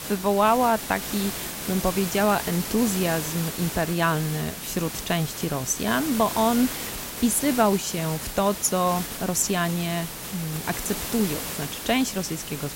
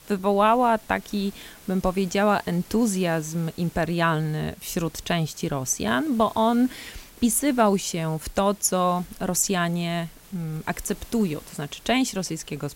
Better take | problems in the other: second | hiss; loud; throughout; 7 dB below the speech; faint in the second

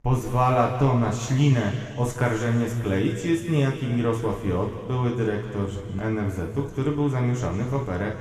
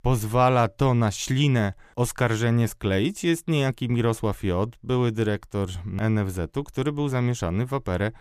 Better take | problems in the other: second | room echo; noticeable; dies away in 2.2 s // off-mic speech; far

